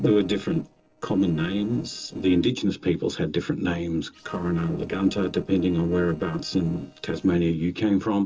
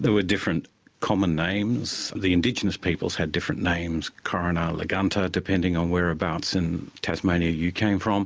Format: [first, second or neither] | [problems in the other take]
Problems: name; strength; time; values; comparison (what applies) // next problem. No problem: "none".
second | noise reduction (neural separator model SepFormer DNS4)